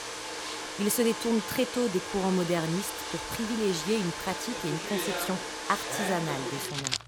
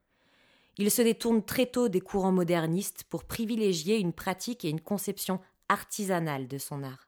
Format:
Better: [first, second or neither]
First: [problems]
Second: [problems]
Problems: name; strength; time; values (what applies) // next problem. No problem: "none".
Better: second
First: household noises; loud; throughout; 4 dB below the speech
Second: none